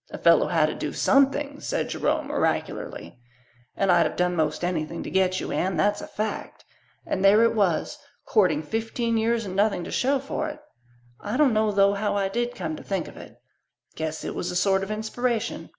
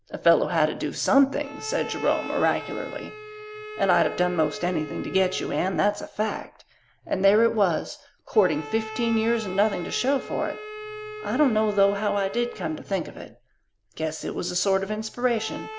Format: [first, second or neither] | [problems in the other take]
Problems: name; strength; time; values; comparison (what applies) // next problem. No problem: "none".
first | background sound (Bowed string instrument); 14 dB below the speech